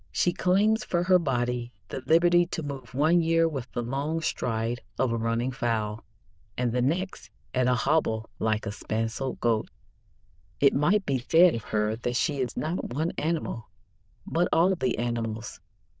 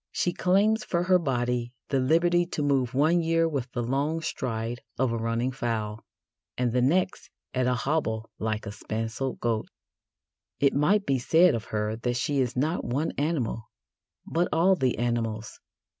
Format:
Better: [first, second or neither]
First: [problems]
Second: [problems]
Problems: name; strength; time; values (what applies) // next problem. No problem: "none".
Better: second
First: noise reduction (neural diffusion model UNIVERSE++)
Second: none